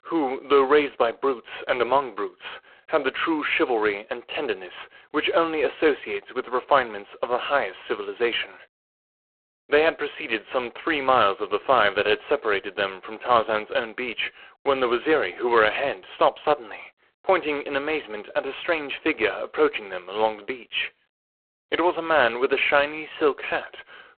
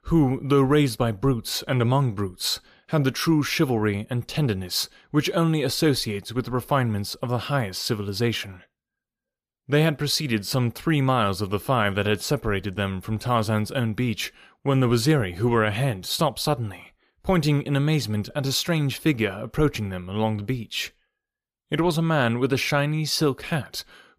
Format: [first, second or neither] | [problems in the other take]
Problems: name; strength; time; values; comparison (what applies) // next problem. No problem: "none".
second | phone-call audio; poor line